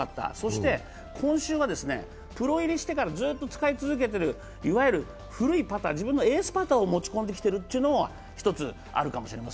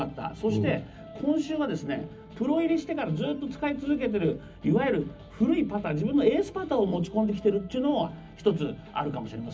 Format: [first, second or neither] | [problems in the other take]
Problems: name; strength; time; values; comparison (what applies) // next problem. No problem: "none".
first | room echo; dies away in 0.4 s